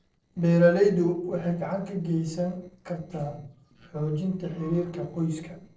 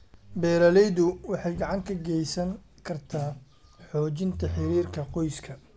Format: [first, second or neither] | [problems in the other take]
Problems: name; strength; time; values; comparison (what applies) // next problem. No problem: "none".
second | noise reduction (neural separator model SepFormer DNS4)